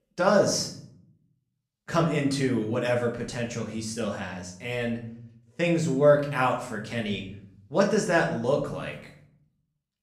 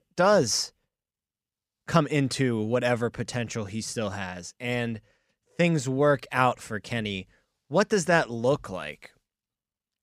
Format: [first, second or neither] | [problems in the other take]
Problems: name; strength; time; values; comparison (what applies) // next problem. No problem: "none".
second | room echo; slight; dies away in 0.5 s // off-mic speech; somewhat distant